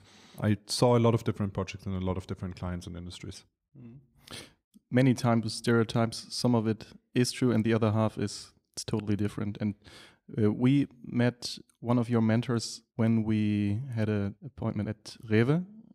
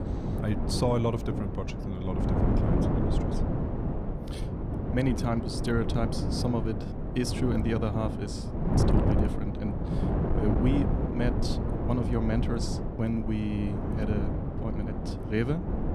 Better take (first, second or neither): first